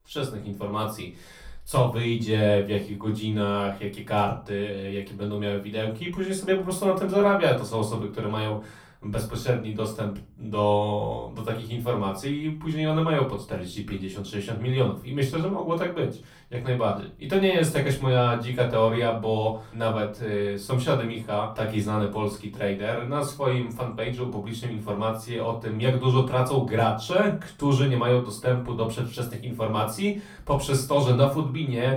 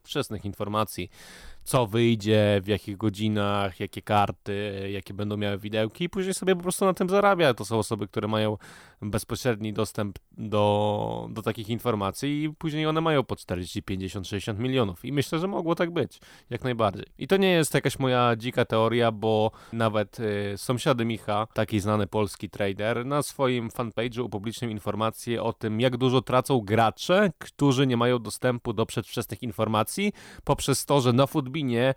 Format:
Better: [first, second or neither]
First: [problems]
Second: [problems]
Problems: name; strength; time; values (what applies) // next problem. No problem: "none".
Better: second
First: off-mic speech; far // room echo; slight; dies away in 0.3 s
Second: none